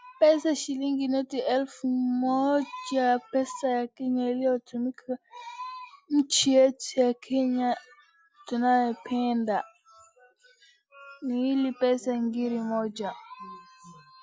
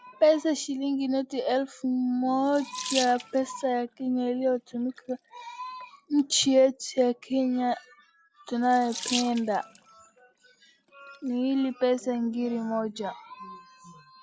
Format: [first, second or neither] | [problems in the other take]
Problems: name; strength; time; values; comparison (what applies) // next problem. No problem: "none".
first | background sound (Sink (filling or washing) / Water tap, faucet); 16 dB below the speech